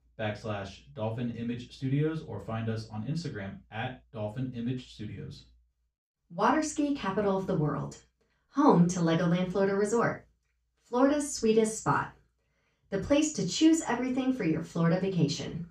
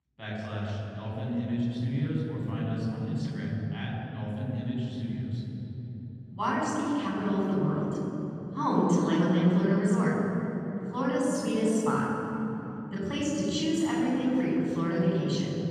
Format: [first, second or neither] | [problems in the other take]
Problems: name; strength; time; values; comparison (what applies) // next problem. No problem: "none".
first | room echo; strong; dies away in 3 s; slight in the first // off-mic speech; far; far in the first